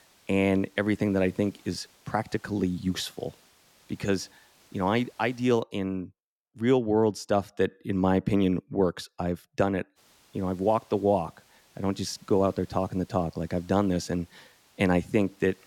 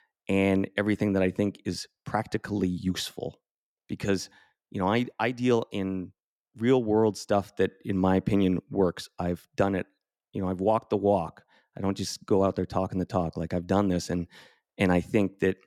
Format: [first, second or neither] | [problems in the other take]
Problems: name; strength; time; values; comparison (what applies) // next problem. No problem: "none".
second | hiss; faint; until 5.5 s and from 10 s on; 30 dB below the speech